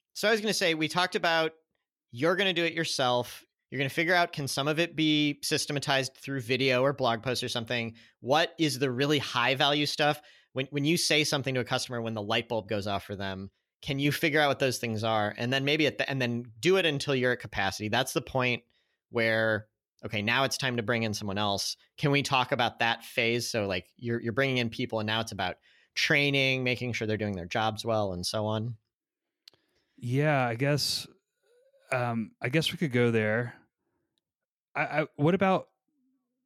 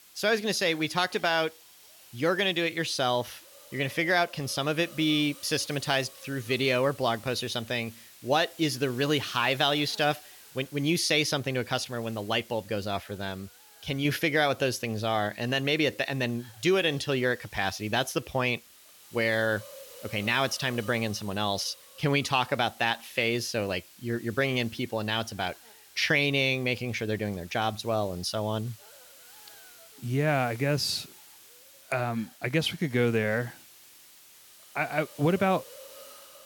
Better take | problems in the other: first | hiss; faint; throughout; 20 dB below the speech

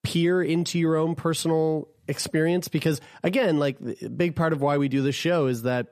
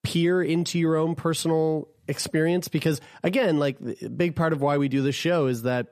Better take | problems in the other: neither | none

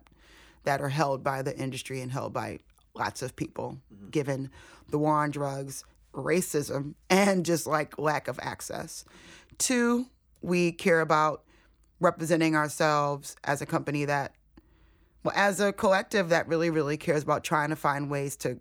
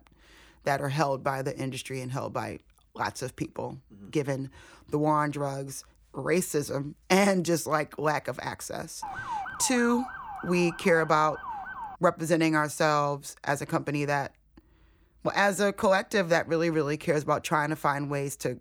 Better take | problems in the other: first | siren; noticeable; from 9 to 12 s; peak 7 dB below the speech

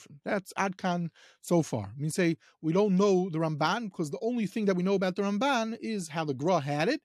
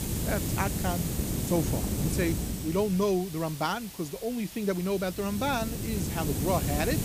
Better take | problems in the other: first | hiss; loud; throughout; 2 dB below the speech

